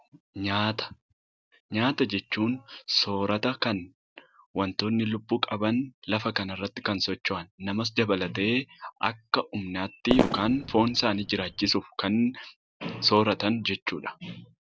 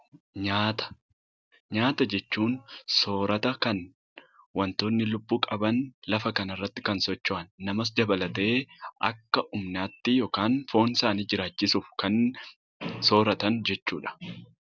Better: second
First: background sound (Fireworks); 3 dB below the speech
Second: none

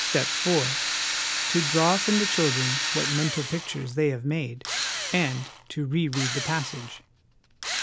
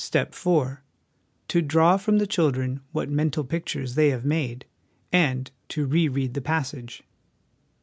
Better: second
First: background sound (Drill); 2 dB below the speech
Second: none

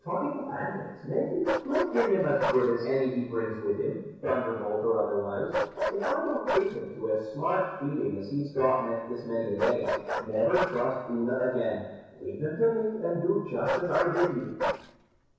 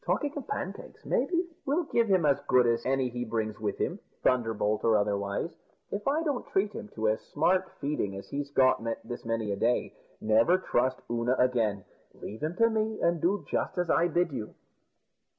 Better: second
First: background sound (Bark); 7 dB below the speech // room echo; dies away in 1.1 s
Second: none

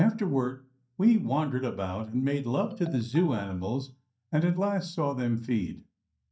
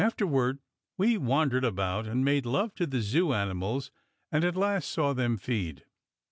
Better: second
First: noise reduction (neural mask model DeepFilterNet 3)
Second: none

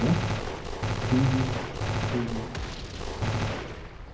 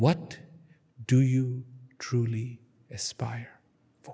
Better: second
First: background sound (Gunshot, gunfire); 1 dB above the speech // room echo; dies away in 0.4 s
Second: none

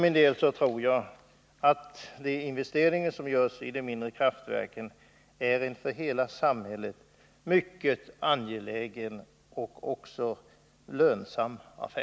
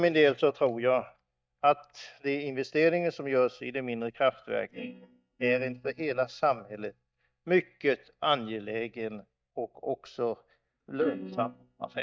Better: first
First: none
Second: noise reduction (neural mask model DeepFilterNet 3)

